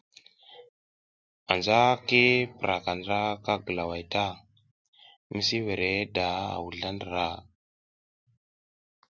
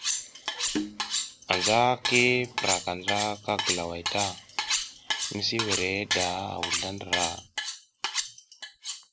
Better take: first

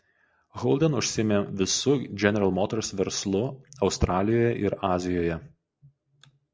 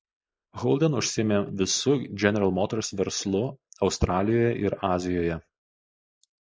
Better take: first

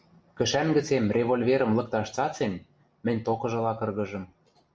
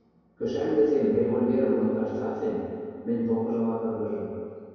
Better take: first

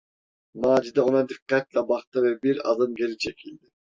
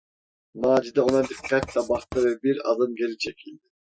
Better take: first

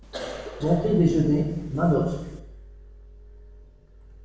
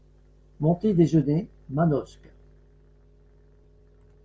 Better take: second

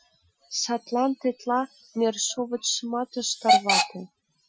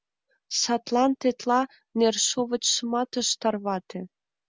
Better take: second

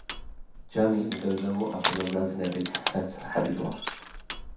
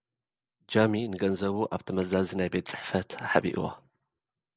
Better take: second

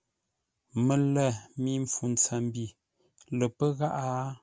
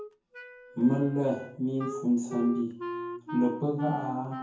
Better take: first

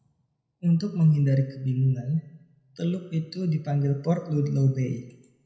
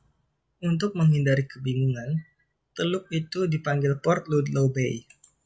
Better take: second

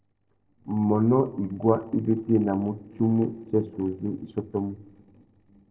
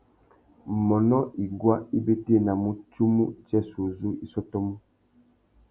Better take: second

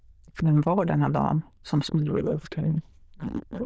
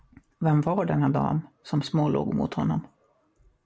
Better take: second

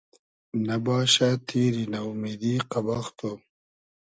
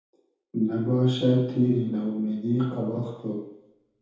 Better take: first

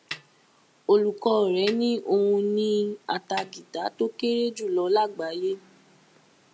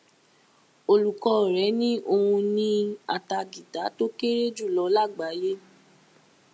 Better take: second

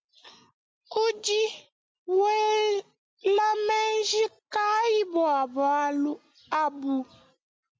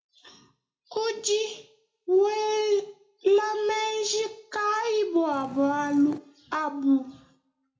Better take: first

